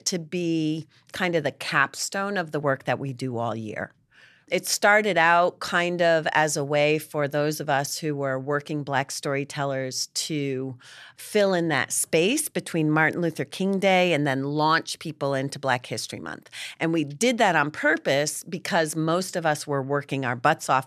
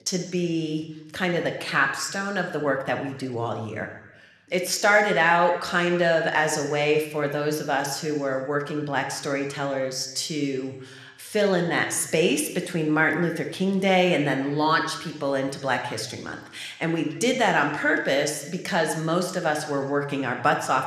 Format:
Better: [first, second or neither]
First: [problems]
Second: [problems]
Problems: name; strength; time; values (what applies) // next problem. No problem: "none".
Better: first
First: none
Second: room echo; slight; dies away in 1 s